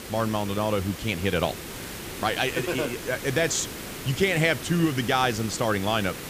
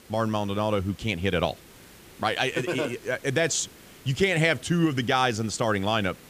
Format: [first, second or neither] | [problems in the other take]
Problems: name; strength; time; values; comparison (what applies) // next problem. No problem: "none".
second | hiss; loud; throughout; 10 dB below the speech; faint in the second